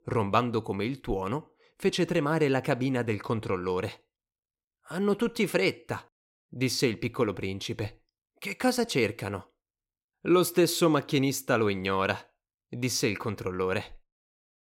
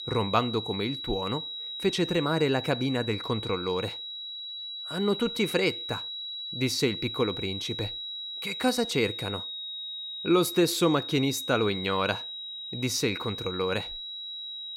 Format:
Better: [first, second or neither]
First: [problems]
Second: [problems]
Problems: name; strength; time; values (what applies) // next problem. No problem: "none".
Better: first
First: none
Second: high-pitched whine; loud; throughout; 4 kHz, 6 dB below the speech